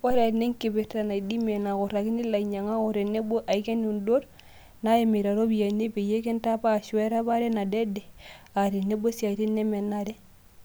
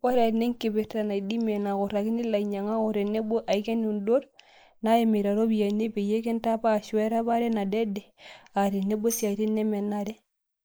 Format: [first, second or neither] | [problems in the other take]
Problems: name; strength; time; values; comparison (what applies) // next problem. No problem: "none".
first | noise reduction (neural mask model Resemble Enhance denoiser)